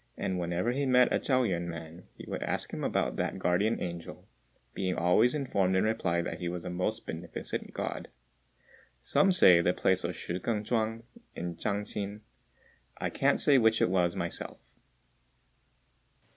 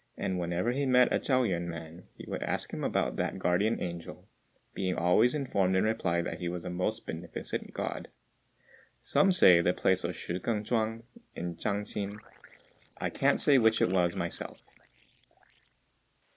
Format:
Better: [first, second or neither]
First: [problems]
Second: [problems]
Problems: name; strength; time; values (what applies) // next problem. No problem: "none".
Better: first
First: none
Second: noise reduction (neural mask model Resemble Enhance denoiser)